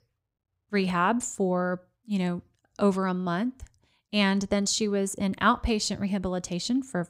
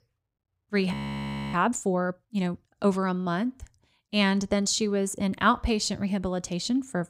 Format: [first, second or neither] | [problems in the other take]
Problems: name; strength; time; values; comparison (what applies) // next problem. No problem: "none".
first | audio freezing; at 1 s for 0.5 s